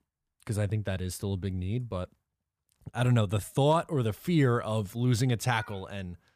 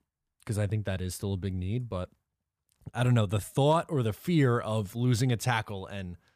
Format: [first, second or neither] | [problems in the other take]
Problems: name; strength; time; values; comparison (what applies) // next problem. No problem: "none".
second | animal sounds; very faint; from 4 s on; 20 dB below the speech